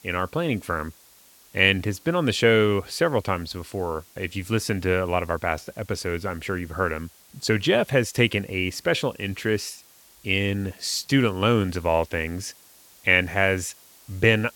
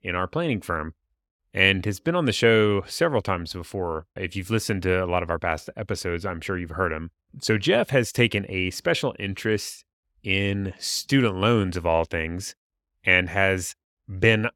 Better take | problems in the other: second | hiss; faint; throughout; 25 dB below the speech

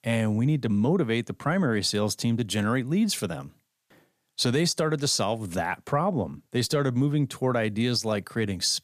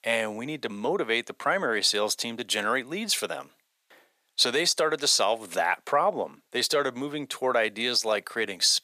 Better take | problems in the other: first | thin; very; fading below 550 Hz

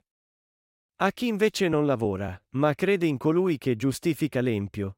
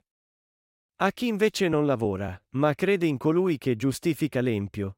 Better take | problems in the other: neither | none

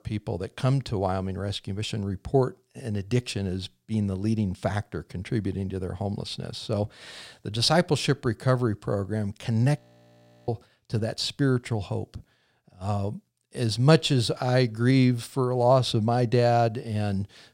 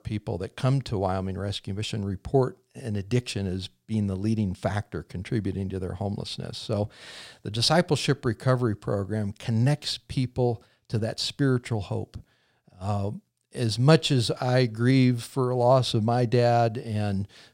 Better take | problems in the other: second | audio freezing; at 10 s for 0.5 s

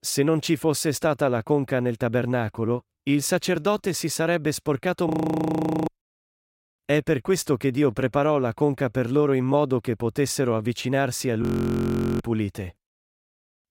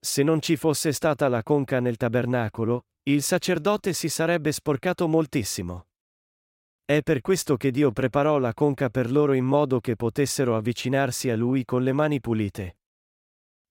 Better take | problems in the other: second | audio freezing; at 5 s for 1 s and at 11 s for 1 s

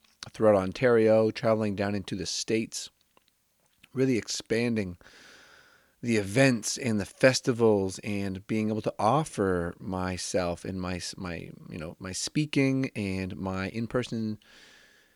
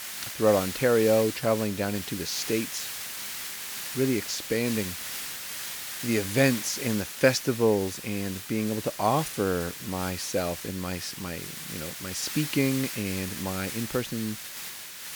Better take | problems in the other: first | hiss; loud; throughout; 7 dB below the speech

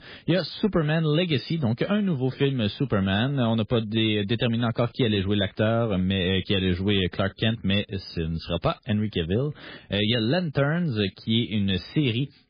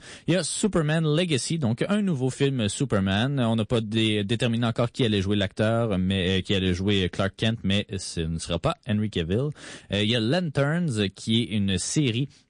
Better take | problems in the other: second | garbled, watery; badly; slightly in the second

